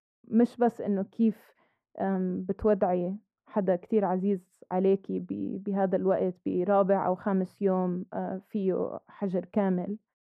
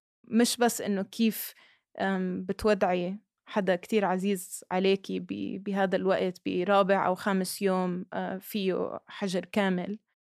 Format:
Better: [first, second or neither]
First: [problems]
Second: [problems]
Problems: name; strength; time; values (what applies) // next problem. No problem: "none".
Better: second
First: muffled; very; fading above 2 kHz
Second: none